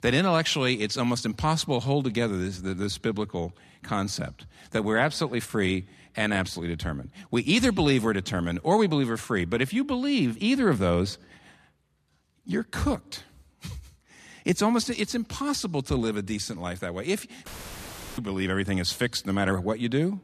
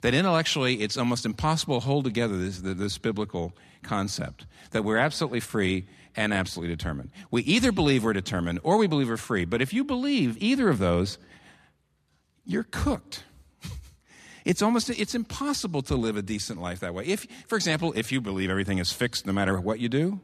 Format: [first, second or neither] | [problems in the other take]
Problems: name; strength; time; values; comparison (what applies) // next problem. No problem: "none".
second | audio cutting out; filled with static; at 17 s for 0.5 s